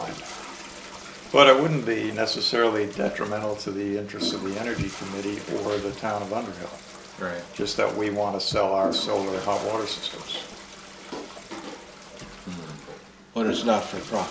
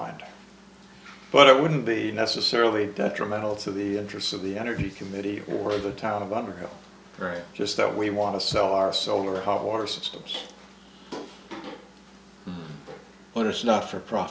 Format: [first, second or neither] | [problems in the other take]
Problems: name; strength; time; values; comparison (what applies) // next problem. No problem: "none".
second | background sound (Toilet flush); 13 dB below the speech